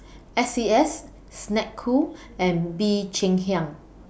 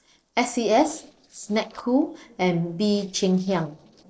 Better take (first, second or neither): first